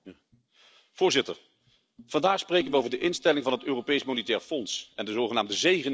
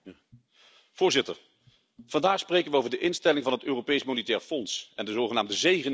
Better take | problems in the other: second | noise reduction (neural separator model SepFormer DNS4)

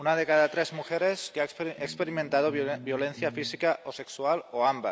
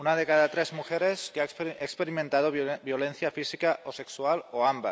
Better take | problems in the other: second | background sound (Bass guitar); 16 dB below the speech

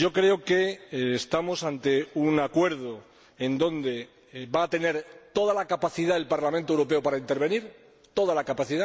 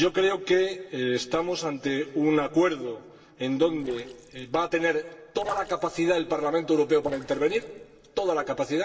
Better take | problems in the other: first | noise reduction (neural separator model SepFormer DNS4)

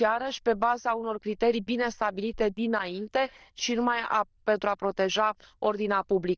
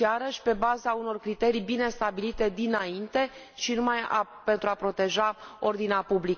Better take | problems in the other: second | noise reduction (neural diffusion model UNIVERSE++)

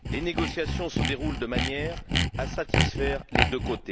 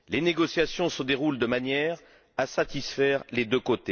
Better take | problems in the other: second | background sound (Sawing); 4 dB above the speech

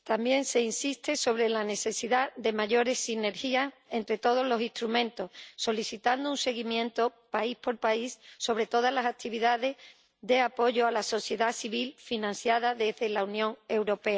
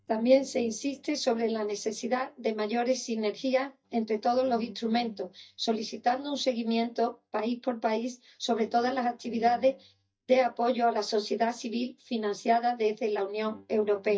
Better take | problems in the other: first | noise reduction (neural mask model DeepFilterNet 3)

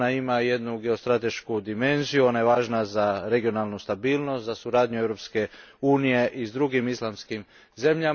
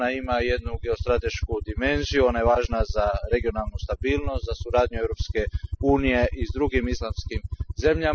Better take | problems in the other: first | noise reduction (classical method spectral subtraction)

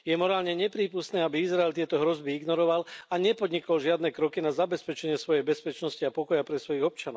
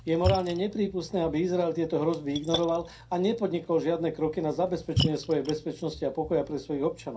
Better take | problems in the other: first | background sound (Splash, splatter); 8 dB below the speech // room echo; dies away in 0.3 s

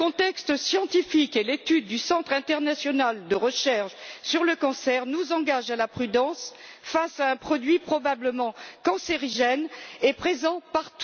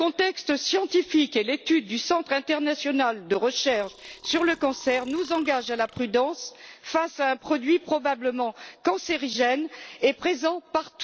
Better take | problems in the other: first | noise reduction (neural separator model SepFormer DNS4)

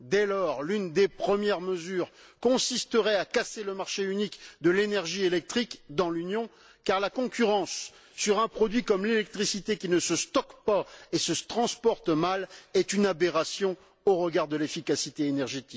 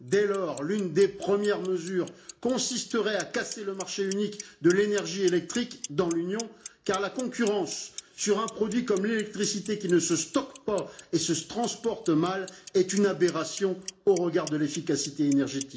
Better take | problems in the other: first | background sound (Clock); 18 dB below the speech // room echo; dies away in 0.4 s

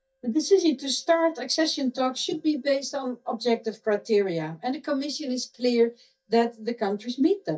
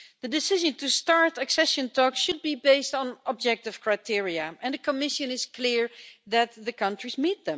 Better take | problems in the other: second | noise reduction (neural mask model DeepFilterNet 3)

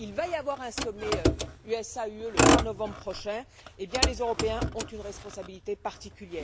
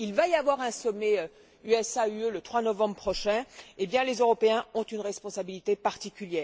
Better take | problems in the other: second | background sound (Motor vehicle (road)); 4 dB above the speech

